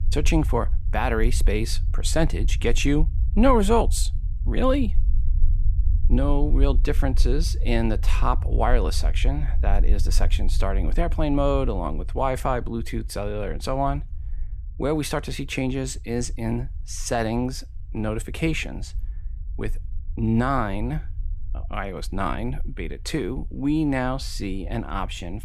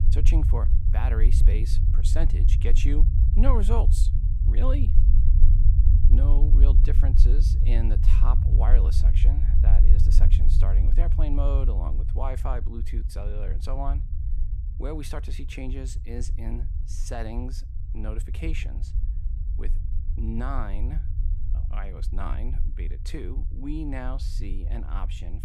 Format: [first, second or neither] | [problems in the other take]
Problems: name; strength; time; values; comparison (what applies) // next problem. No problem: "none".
first | low rumble; loud; throughout; 6 dB below the speech; faint in the first